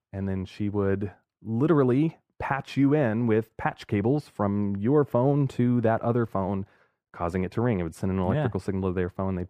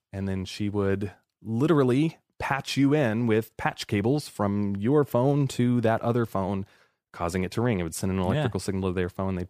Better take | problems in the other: second | muffled; slightly; fading above 2.5 kHz

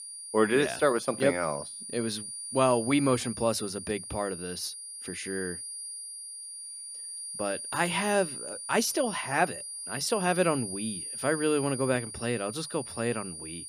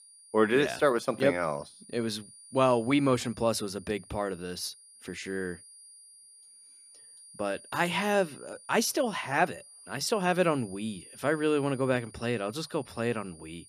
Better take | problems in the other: second | high-pitched whine; loud; throughout; 9.5 kHz, 8 dB below the speech; faint in the second

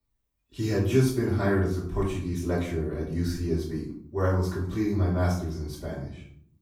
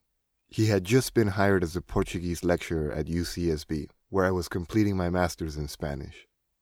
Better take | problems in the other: second | off-mic speech; far // room echo; noticeable; dies away in 0.5 s

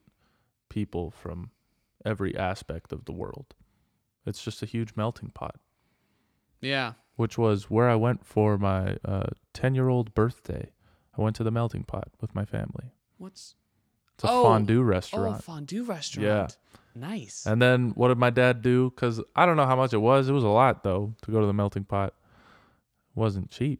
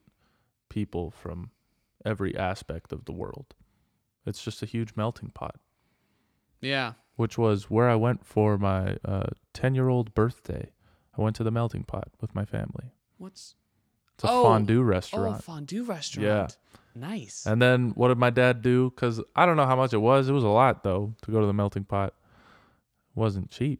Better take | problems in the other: neither | none

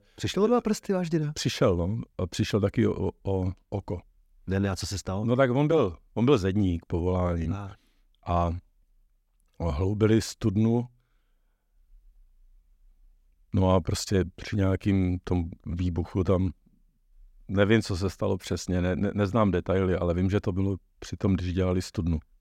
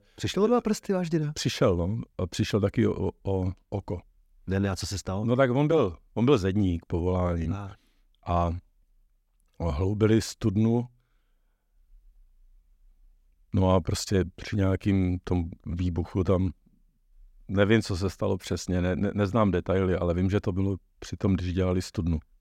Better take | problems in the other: neither | none

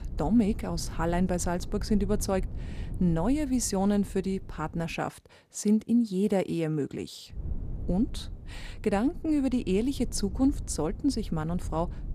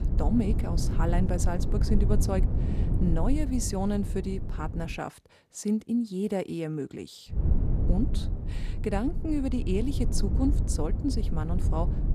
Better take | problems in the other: first | low rumble; loud; until 5 s and from 7.5 s on; 8 dB below the speech; faint in the first

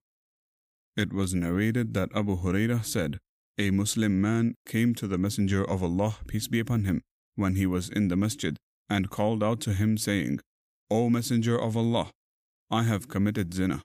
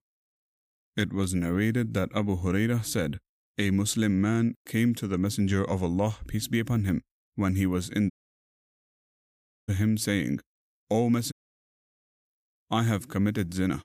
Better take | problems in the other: first | audio cutting out; at 8 s for 1.5 s and at 11 s for 1 s

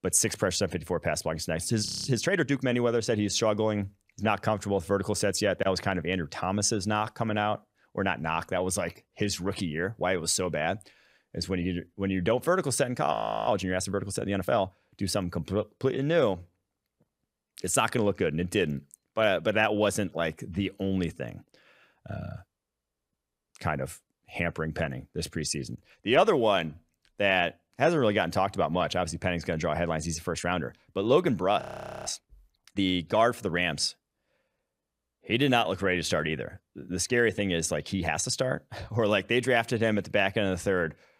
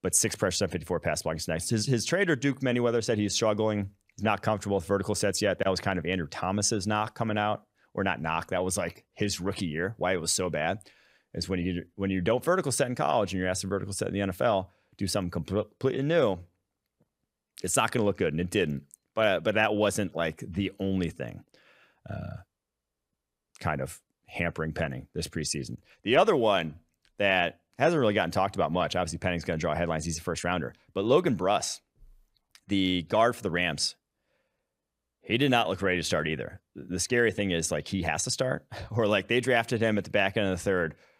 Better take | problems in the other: second | audio freezing; at 2 s, at 13 s and at 32 s

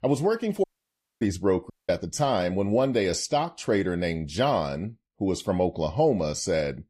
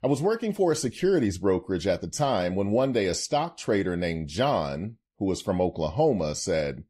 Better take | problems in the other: second | audio cutting out; at 0.5 s for 0.5 s and at 1.5 s

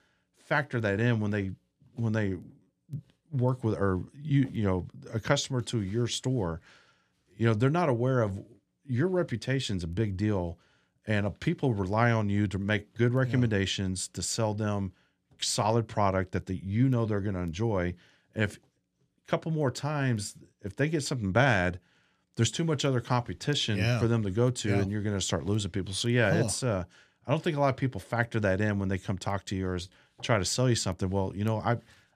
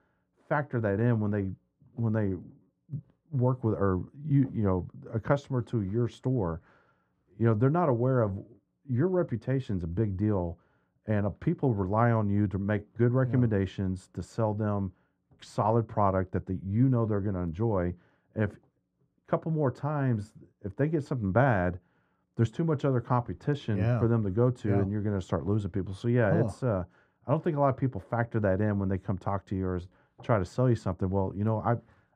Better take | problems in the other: first | muffled; very; fading above 2 kHz

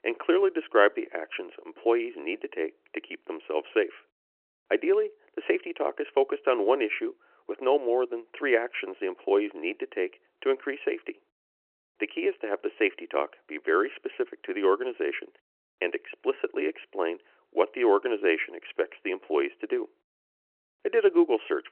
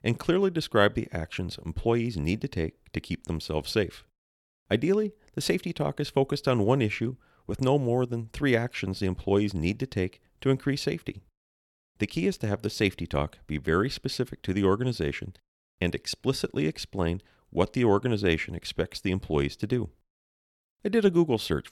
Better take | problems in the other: second | phone-call audio

